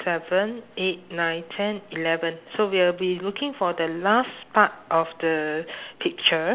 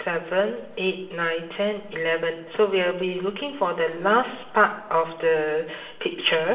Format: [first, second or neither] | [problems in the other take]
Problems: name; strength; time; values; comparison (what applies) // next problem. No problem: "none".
first | room echo; dies away in 0.9 s